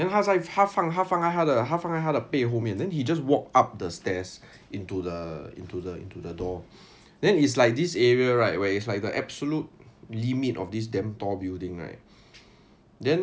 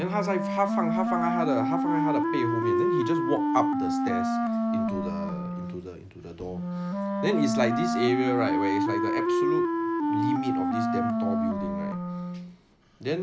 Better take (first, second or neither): first